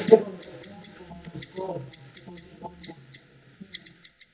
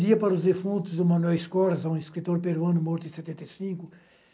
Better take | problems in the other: second | noise reduction (neural mask model DeepFilterNet 3)

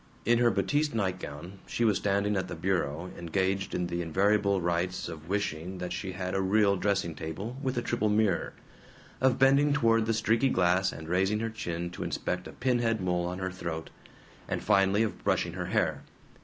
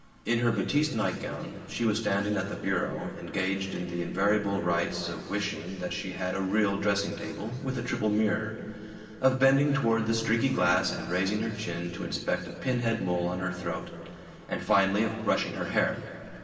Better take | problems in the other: first | room echo; dies away in 2.8 s

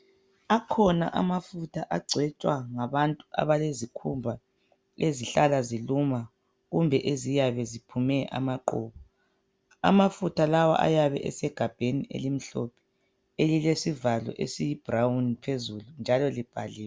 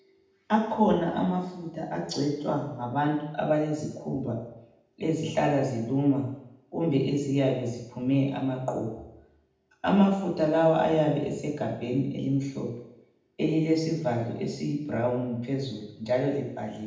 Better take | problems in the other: first | room echo; dies away in 0.8 s

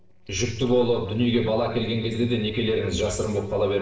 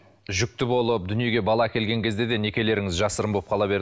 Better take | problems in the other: second | noise reduction (neural separator model SepFormer DNS4)

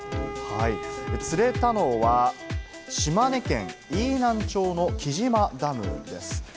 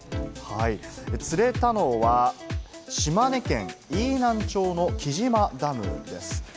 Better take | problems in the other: second | background sound (Bowed string instrument); 15 dB below the speech

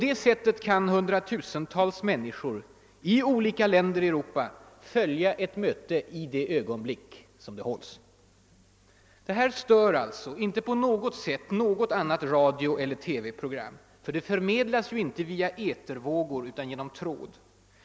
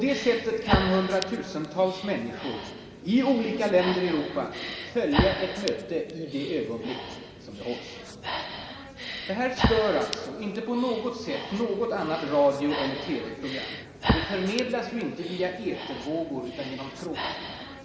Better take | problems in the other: first | background sound (Breathing); 6 dB below the speech // room echo; dies away in 2.1 s

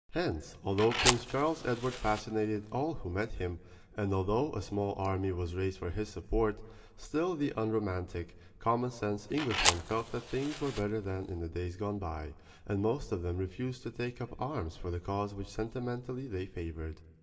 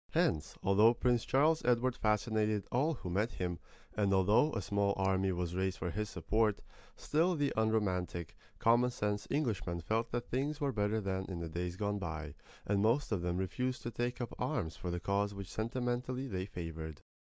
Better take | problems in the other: second | background sound (Fire); 2 dB below the speech // room echo; dies away in 1.4 s

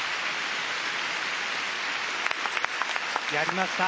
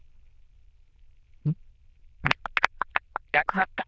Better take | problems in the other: first | noise reduction (neural diffusion model UNIVERSE++)

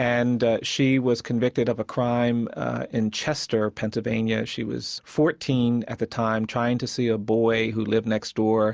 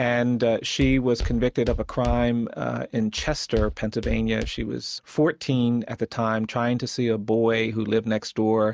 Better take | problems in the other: first | noise reduction (neural mask model RNNoise)

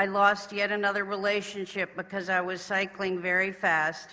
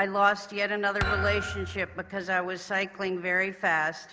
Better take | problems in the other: first | background sound (Thump, thud); 6 dB below the speech

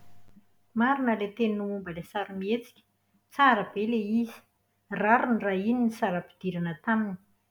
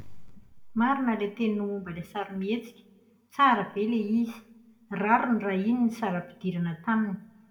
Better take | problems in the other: first | room echo; dies away in 0.5 s

